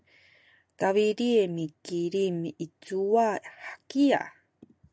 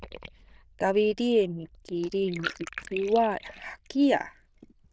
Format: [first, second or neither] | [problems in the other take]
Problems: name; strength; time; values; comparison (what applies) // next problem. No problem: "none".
first | noise reduction (neural diffusion model UNIVERSE++)